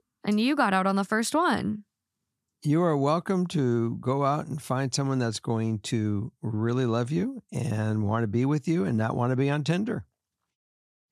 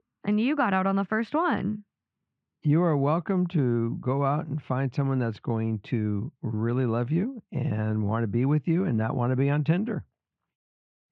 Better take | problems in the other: first | muffled; very; fading above 2.5 kHz

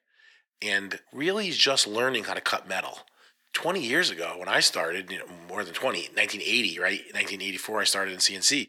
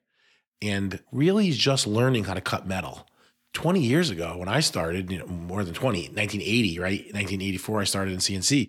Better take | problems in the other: second | thin; very; fading below 450 Hz

